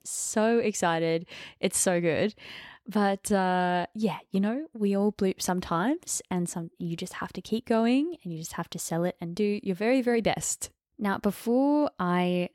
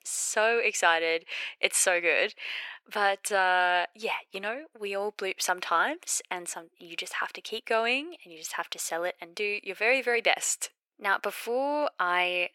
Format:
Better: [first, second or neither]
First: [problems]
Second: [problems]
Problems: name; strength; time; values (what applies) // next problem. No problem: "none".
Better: first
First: none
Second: thin; very; fading below 500 Hz